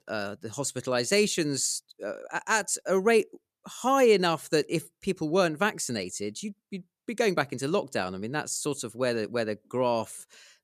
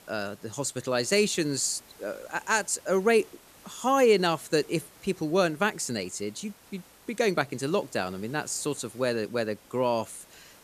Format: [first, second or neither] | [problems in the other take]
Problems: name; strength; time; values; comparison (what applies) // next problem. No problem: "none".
first | hiss; faint; throughout; 25 dB below the speech